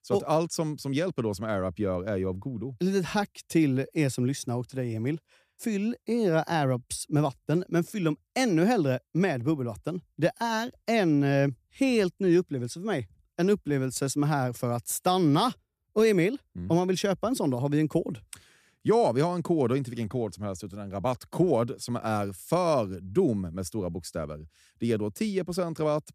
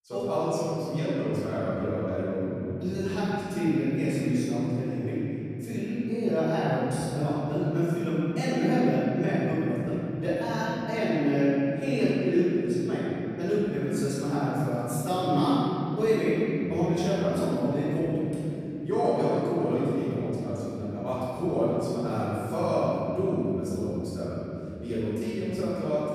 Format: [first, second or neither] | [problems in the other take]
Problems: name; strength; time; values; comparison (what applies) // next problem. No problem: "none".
first | off-mic speech; far // room echo; strong; dies away in 3 s